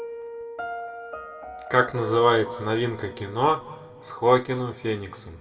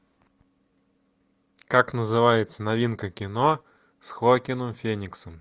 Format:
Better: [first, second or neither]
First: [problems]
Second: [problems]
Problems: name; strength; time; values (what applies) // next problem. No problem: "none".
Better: second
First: background sound (Piano); 12 dB below the speech // room echo; dies away in 1.4 s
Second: none